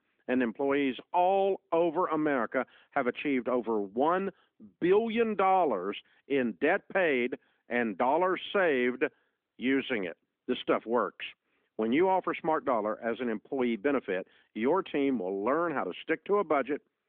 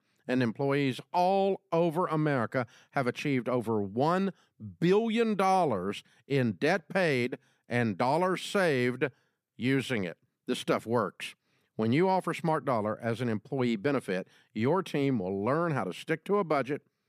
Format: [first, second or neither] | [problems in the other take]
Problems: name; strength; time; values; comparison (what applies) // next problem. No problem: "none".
second | phone-call audio; nothing above 3.5 kHz